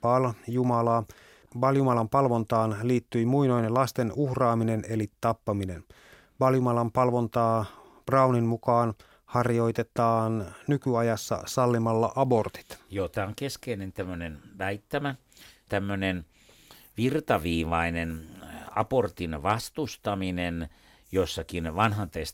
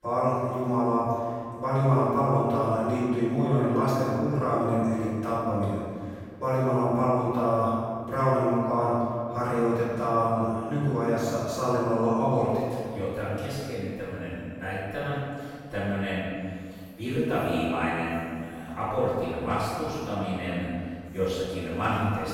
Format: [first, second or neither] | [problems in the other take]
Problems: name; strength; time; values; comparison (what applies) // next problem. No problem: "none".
first | off-mic speech; far // room echo; strong; dies away in 1.9 s